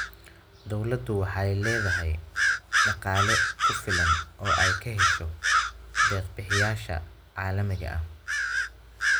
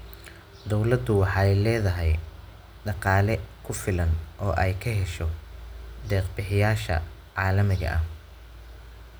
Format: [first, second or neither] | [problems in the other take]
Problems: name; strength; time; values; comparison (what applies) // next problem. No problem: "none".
second | background sound (Bird vocalization, bird call, bird song); 3 dB above the speech